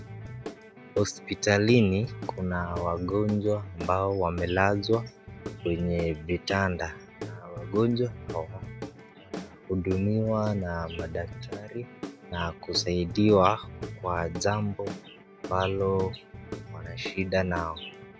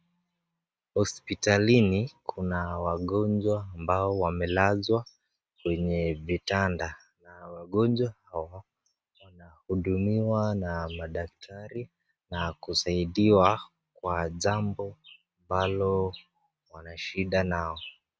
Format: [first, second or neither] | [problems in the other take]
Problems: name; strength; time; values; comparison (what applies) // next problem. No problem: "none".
second | background sound (Guitar / Drum); 12 dB below the speech